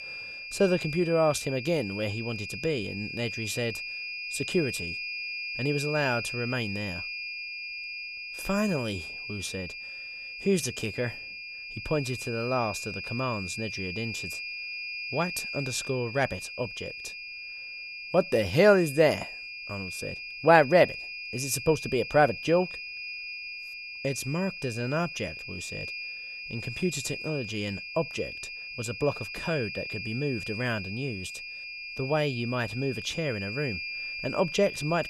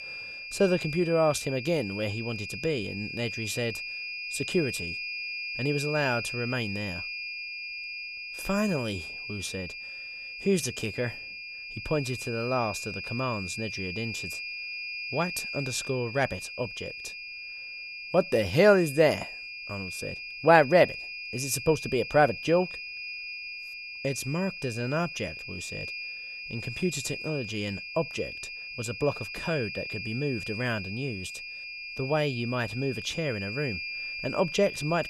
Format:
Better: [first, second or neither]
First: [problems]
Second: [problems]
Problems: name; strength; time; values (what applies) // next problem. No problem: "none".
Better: neither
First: high-pitched whine; loud; throughout; 2.5 kHz, 7 dB below the speech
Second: high-pitched whine; loud; throughout; 2.5 kHz, 7 dB below the speech